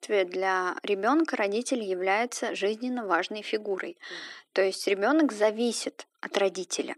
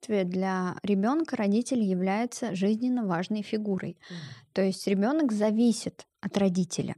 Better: second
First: thin; somewhat; fading below 300 Hz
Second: none

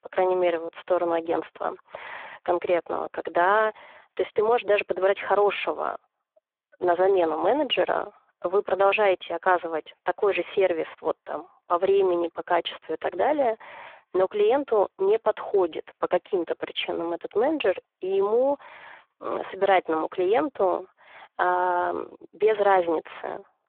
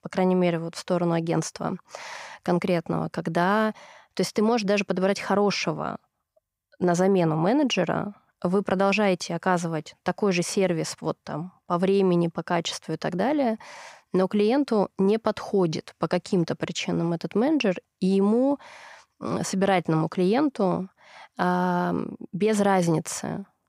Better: second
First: phone-call audio; poor line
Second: none

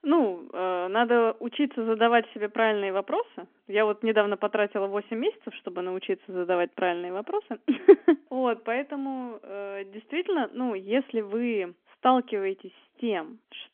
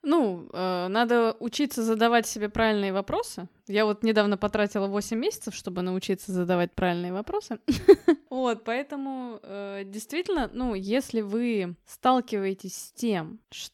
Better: second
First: phone-call audio; nothing above 3.5 kHz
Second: none

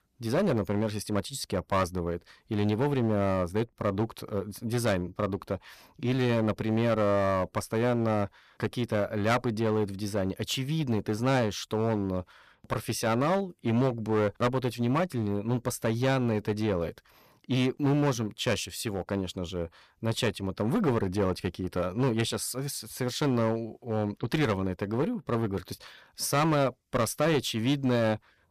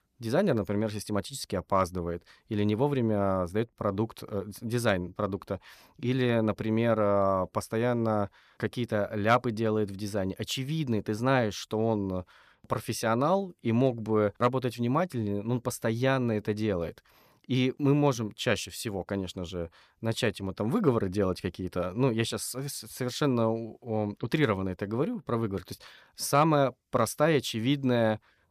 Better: second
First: distortion; slight; 8% of the sound clipped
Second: none

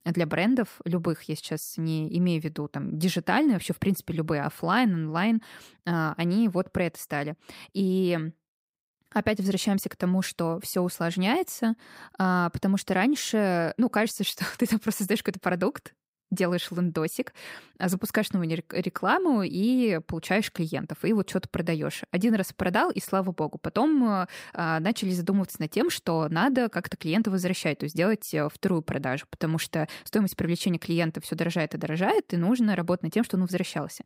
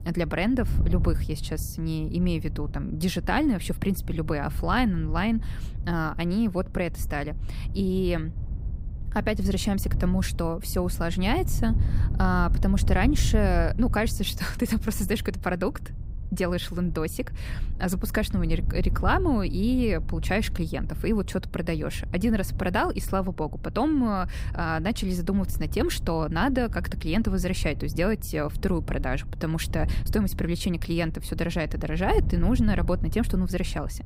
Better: first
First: none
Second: wind noise on the microphone; occasional gusts; 20 dB below the speech

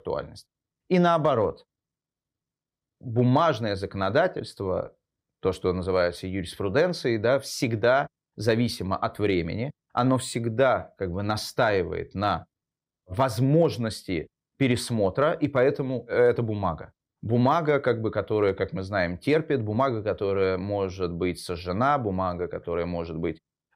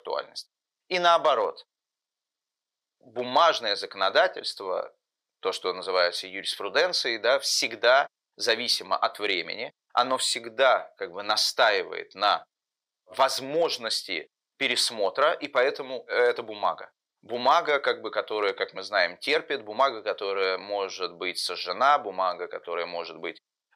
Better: first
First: none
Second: thin; very; fading below 700 Hz

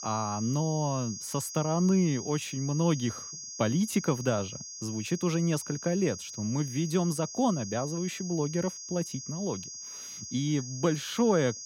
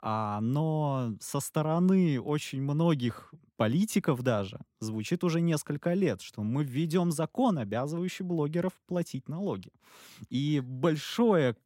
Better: second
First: high-pitched whine; loud; throughout; 6.5 kHz, 9 dB below the speech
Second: none

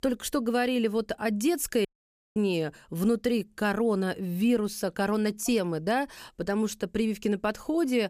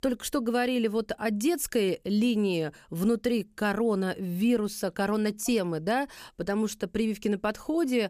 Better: second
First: audio cutting out; at 2 s for 0.5 s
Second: none

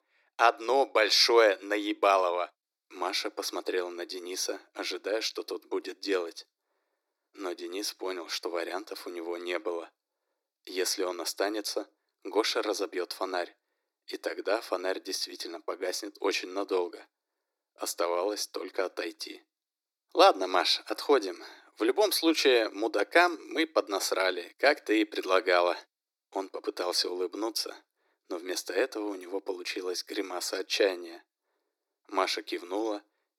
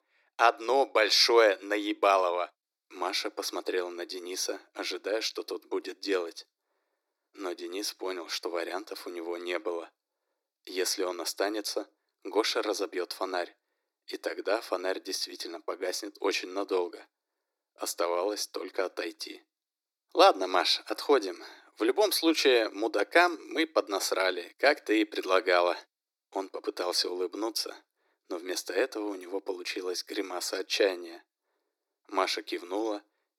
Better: neither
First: thin; very; fading below 300 Hz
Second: thin; very; fading below 300 Hz

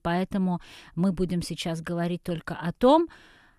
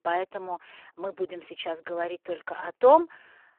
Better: first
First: none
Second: phone-call audio; poor line

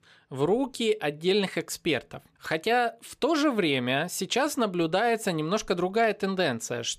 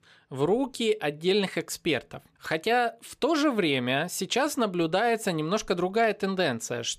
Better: neither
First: none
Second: none

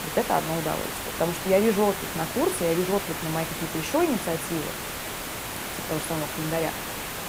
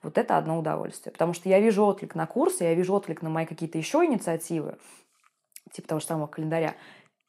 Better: second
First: hiss; loud; throughout; 4 dB below the speech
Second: none

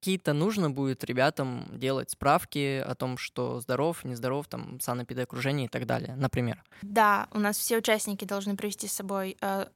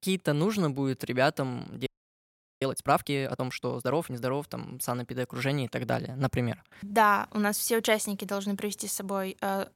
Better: first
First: none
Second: audio freezing; at 2 s for 0.5 s

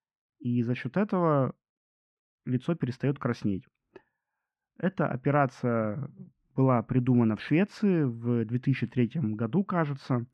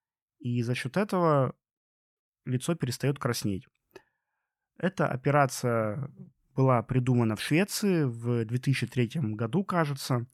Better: second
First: muffled; slightly; fading above 2.5 kHz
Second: none

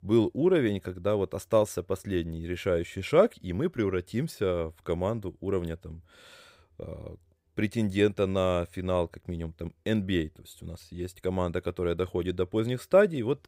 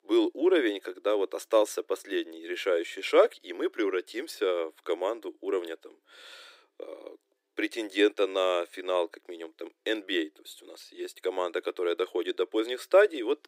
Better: first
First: none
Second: thin; very; fading below 300 Hz

